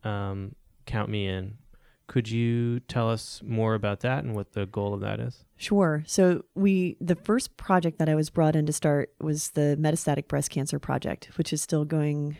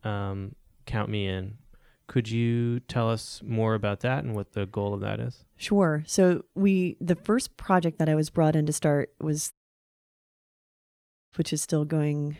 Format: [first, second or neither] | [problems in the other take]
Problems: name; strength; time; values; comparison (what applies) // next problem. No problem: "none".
first | audio cutting out; at 9.5 s for 2 s